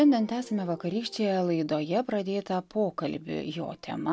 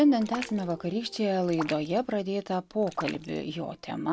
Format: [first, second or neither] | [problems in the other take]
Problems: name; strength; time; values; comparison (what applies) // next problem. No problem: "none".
first | background sound (Raindrop); 15 dB below the speech